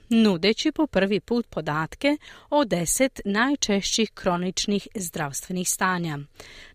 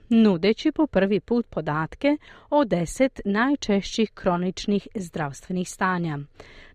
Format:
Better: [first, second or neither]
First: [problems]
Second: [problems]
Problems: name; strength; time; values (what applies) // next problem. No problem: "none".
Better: first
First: none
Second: muffled; slightly; fading above 1.5 kHz